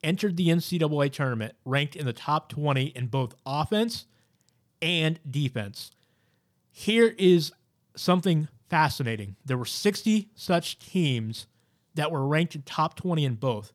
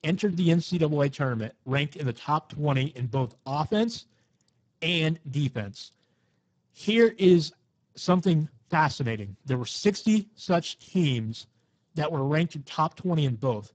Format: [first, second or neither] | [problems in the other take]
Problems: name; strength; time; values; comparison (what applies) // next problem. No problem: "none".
first | garbled, watery; badly; nothing above 7.5 kHz